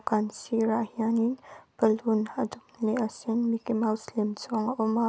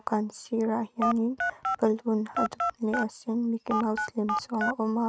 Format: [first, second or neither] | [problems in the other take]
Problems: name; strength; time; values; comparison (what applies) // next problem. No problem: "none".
first | noise reduction (neural mask model RNNoise)